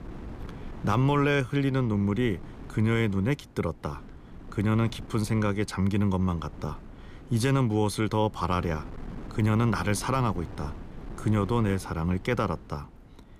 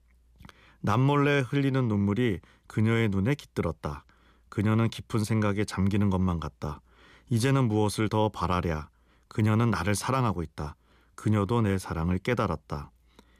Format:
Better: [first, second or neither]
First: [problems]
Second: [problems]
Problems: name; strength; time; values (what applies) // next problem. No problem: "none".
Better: second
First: wind noise on the microphone; occasional gusts; 20 dB below the speech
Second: none